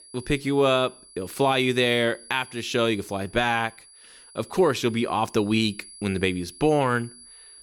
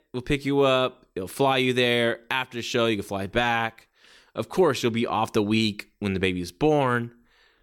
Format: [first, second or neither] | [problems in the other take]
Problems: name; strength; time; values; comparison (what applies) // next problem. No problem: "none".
second | high-pitched whine; faint; throughout; 10 kHz, 20 dB below the speech